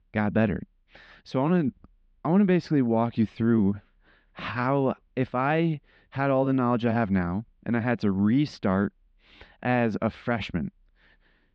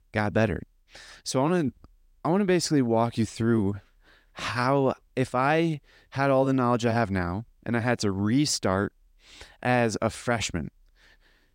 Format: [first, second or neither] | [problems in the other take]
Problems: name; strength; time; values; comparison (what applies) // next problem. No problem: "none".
second | muffled; slightly; fading above 3.5 kHz